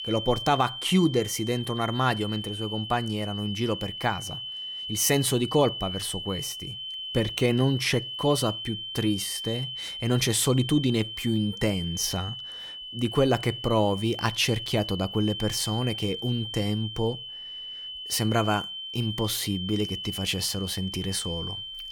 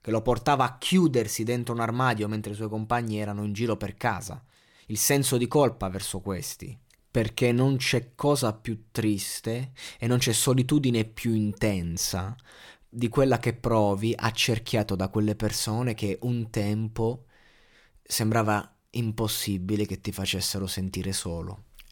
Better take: second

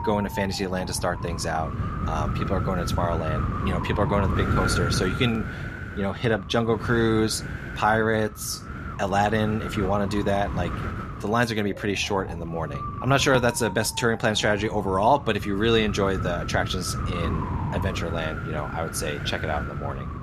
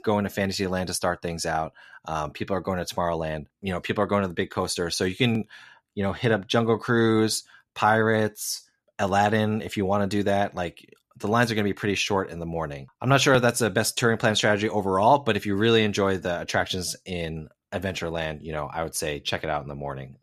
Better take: second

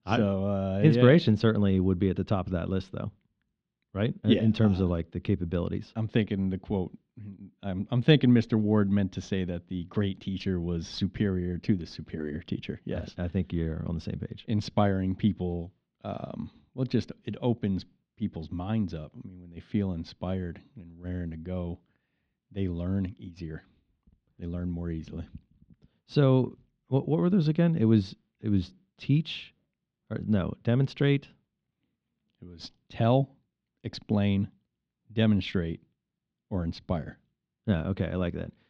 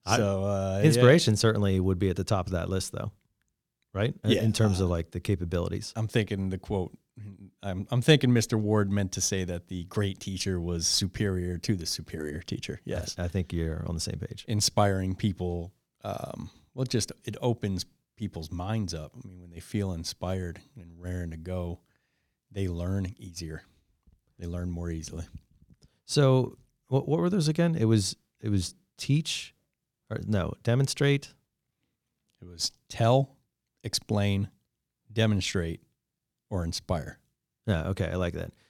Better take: second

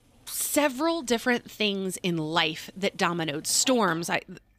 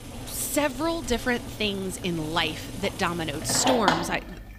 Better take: first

